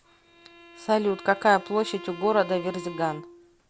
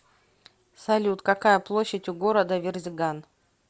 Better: second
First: background sound (Bowed string instrument); 16 dB below the speech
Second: none

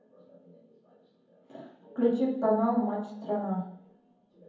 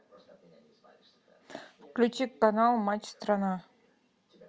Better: second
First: room echo; dies away in 0.7 s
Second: none

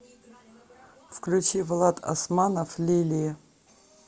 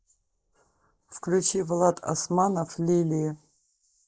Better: first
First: none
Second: noise reduction (neural mask model Resemble Enhance denoiser)

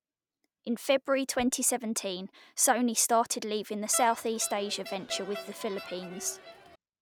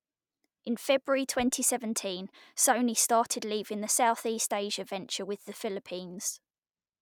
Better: second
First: background sound (Crowd); 13 dB below the speech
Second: none

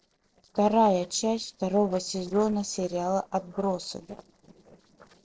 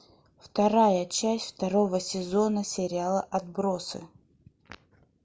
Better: second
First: noise reduction (neural separator model SepFormer DNS4)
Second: none

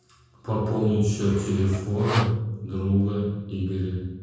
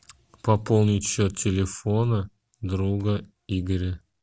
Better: second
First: background sound (Sawing); 11 dB below the speech // room echo; dies away in 1.3 s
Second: none

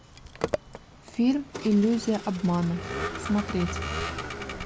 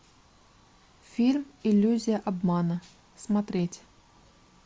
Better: second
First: background sound (Vehicle); 6 dB below the speech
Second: none

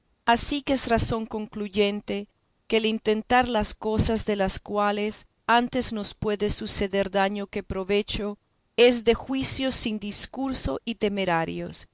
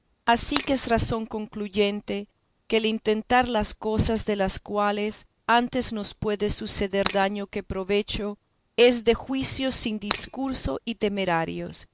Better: first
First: none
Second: background sound (Shatter); 9 dB below the speech

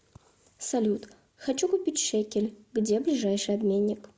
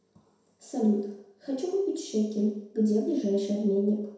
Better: first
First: none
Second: room echo; dies away in 0.7 s

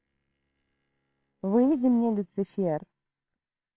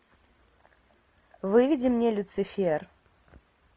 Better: second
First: noise reduction (neural separator model SepFormer WHAMR!)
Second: none

